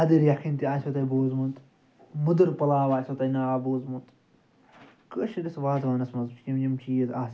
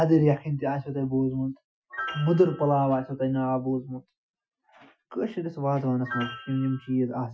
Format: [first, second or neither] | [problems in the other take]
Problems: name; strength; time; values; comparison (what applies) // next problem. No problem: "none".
first | noise reduction (classical method Wiener filter)